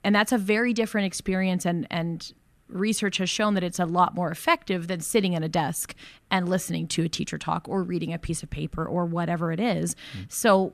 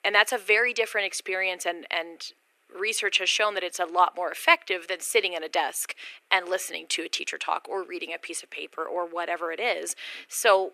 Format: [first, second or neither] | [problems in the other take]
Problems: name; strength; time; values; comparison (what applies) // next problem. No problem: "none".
first | thin; very; fading below 350 Hz